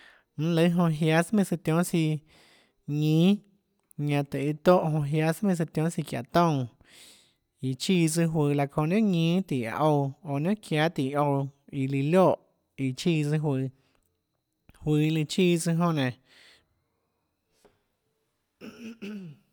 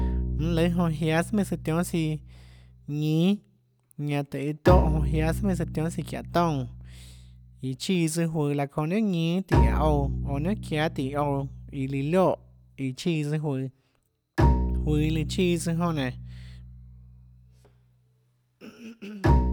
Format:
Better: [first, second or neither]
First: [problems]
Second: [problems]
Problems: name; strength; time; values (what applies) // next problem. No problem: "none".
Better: first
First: none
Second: background sound (Bowed string instrument); 2 dB below the speech